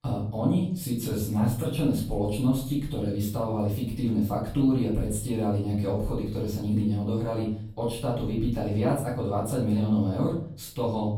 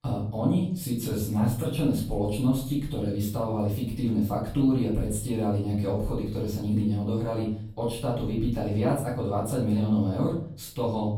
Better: neither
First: off-mic speech; far // room echo; noticeable; dies away in 0.5 s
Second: off-mic speech; far // room echo; noticeable; dies away in 0.5 s

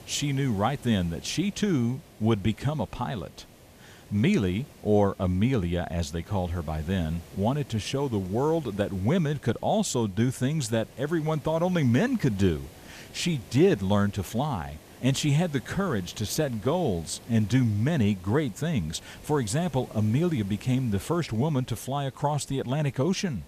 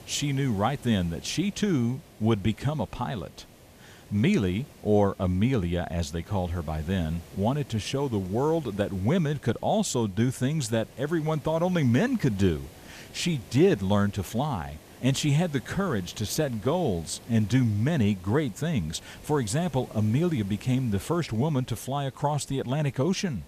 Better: neither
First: hiss; faint; throughout; 20 dB below the speech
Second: hiss; faint; throughout; 20 dB below the speech

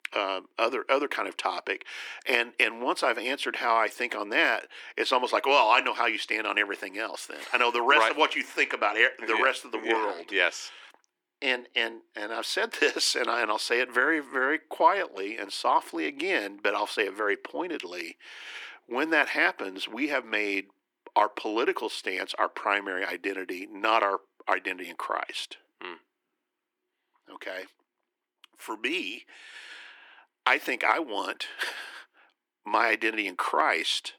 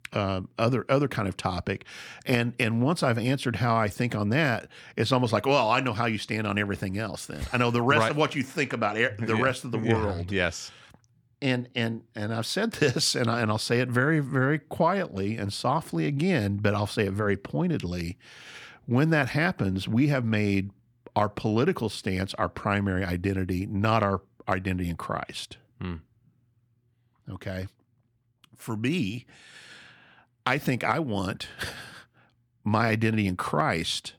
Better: second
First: thin; very; fading below 300 Hz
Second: none

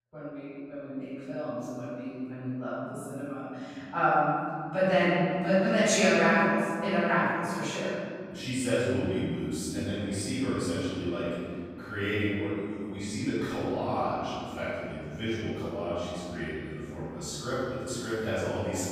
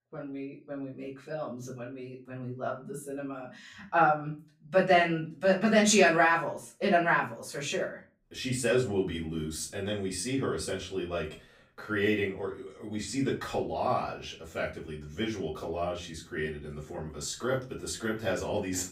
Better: second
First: room echo; strong; dies away in 2.7 s // off-mic speech; far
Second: room echo; slight; dies away in 0.3 s // off-mic speech; far

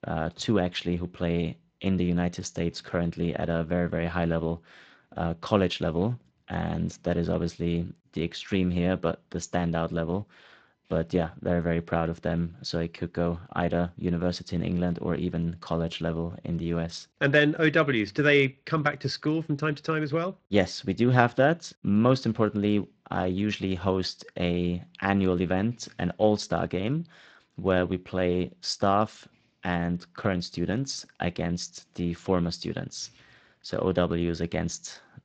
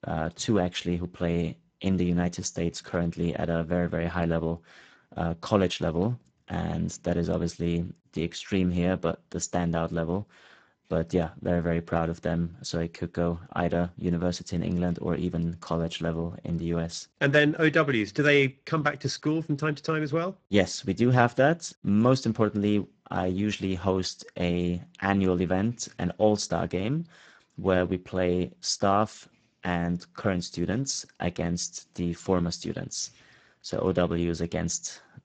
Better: first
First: garbled, watery; slightly; nothing above 7.5 kHz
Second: garbled, watery; badly; nothing above 7.5 kHz

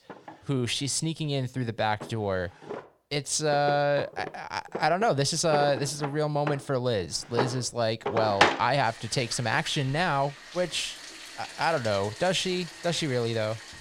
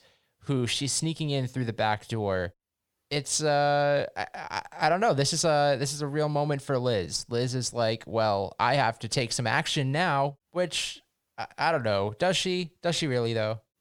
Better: second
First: household noises; loud; throughout; 7 dB below the speech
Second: none

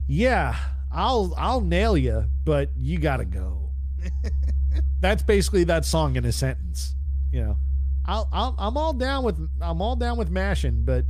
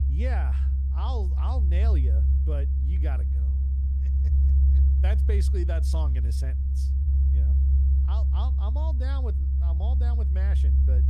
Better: first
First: low rumble; faint; throughout; 20 dB below the speech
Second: low rumble; loud; throughout; 2 dB below the speech

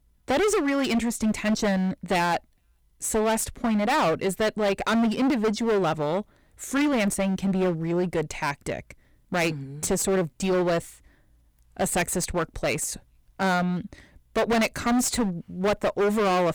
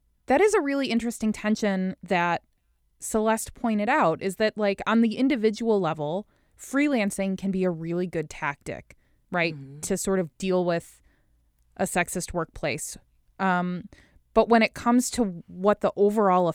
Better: second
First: distortion; heavy; 18% of the sound clipped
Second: none

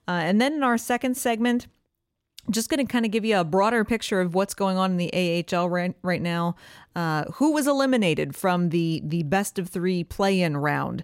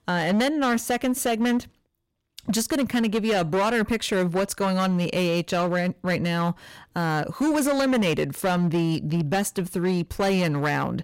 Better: first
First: none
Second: distortion; slight; 14% of the sound clipped

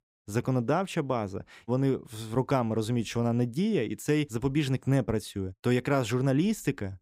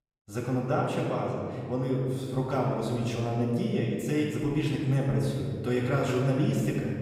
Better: first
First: none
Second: off-mic speech; far // room echo; noticeable; dies away in 1.9 s

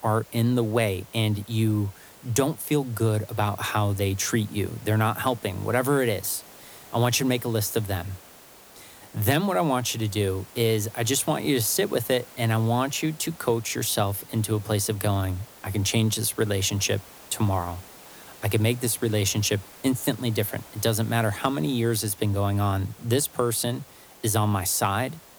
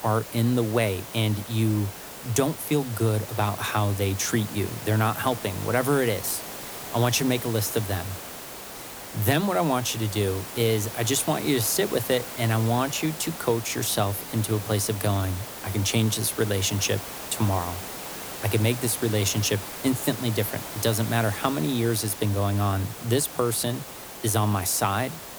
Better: first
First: hiss; faint; throughout; 20 dB below the speech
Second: hiss; loud; throughout; 10 dB below the speech

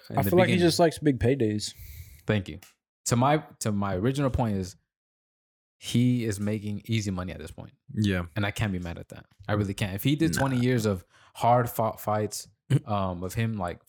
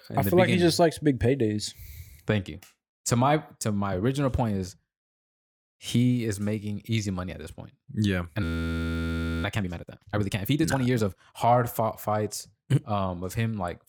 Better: first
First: none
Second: audio freezing; at 8.5 s for 1 s

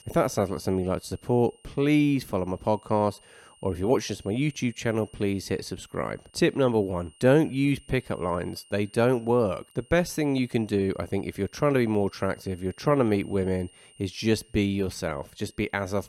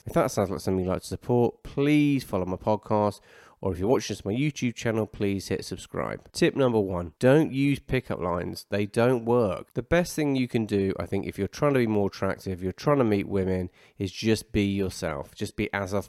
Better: second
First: high-pitched whine; faint; throughout; 3 kHz, 30 dB below the speech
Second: none

